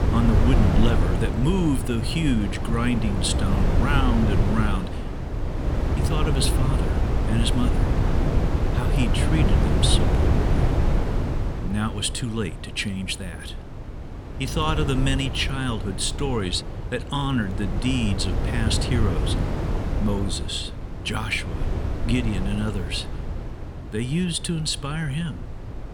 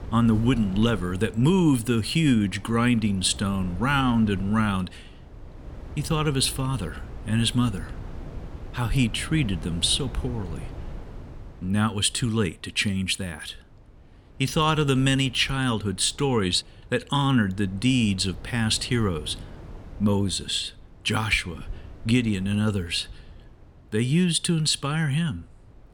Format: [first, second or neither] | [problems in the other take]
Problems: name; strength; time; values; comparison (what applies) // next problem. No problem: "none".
second | wind noise on the microphone; heavy; 4 dB below the speech; occasional gusts in the second